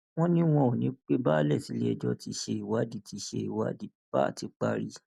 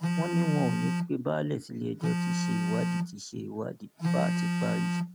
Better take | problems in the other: first | background sound (Telephone); 3 dB above the speech

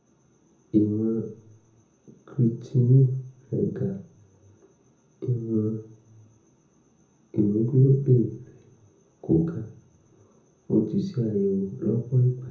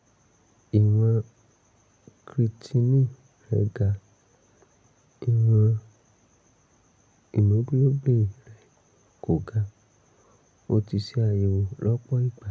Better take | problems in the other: second | room echo; dies away in 0.5 s

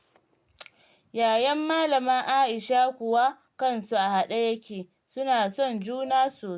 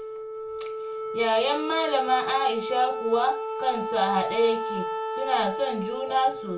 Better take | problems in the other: first | background sound (Wind instrument, woodwind instrument); 5 dB below the speech // room echo; dies away in 0.3 s

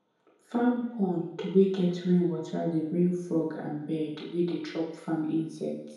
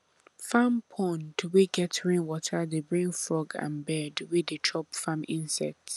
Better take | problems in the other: second | room echo; dies away in 2 s

